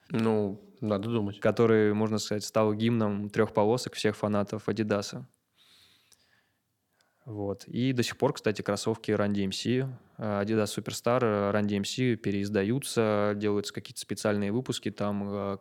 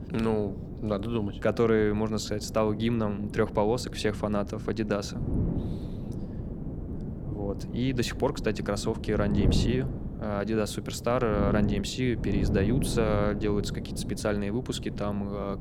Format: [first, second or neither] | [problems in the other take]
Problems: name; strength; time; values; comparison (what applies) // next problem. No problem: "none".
first | wind noise on the microphone; occasional gusts; 10 dB below the speech